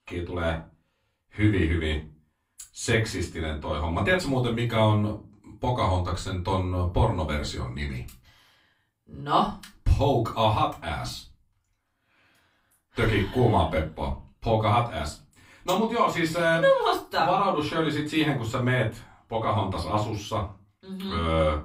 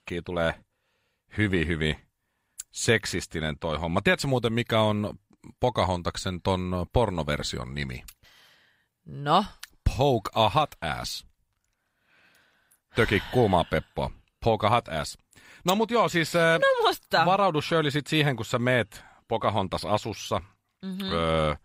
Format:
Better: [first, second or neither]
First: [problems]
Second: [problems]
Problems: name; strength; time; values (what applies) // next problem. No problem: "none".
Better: second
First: off-mic speech; far // room echo; very slight; dies away in 0.3 s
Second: none